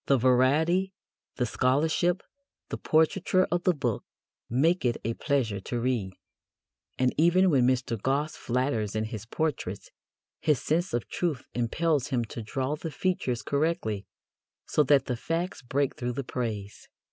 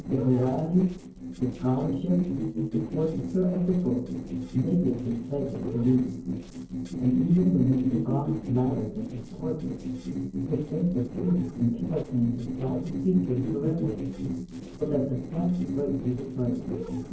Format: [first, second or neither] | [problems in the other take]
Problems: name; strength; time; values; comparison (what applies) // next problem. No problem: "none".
first | noise reduction (neural separator model SepFormer DNS4)